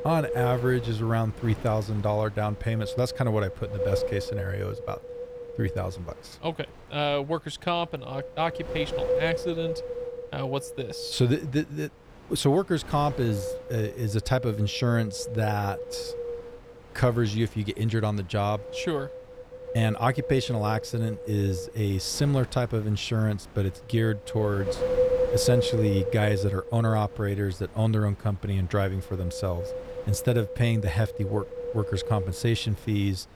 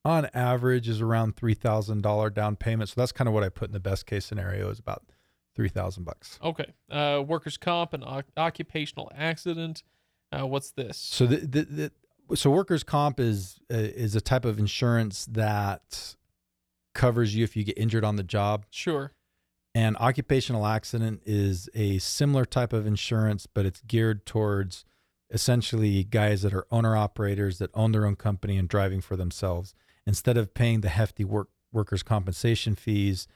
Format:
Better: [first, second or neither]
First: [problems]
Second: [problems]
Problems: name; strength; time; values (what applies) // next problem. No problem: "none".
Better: second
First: wind noise on the microphone; heavy; 3 dB below the speech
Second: none